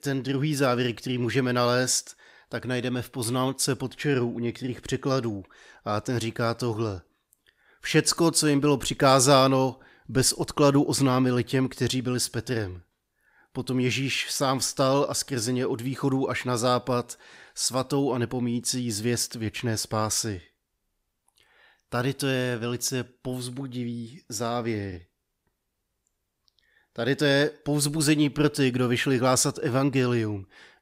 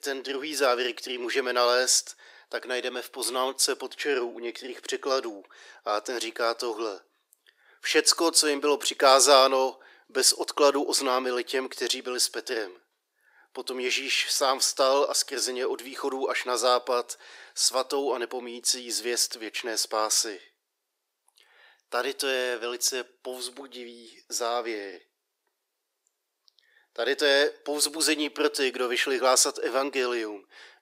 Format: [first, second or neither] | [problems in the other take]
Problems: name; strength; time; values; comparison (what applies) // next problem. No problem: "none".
first | thin; very; fading below 350 Hz